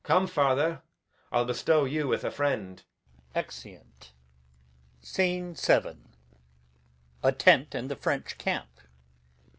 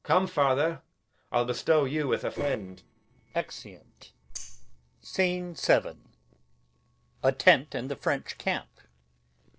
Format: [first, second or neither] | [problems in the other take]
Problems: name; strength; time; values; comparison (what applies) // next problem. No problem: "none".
first | noise reduction (neural separator model SepFormer DNS4)